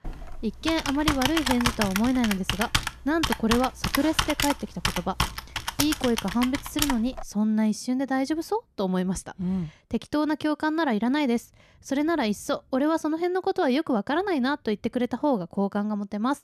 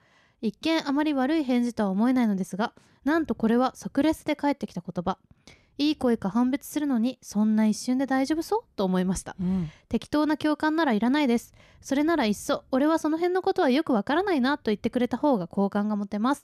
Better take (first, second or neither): second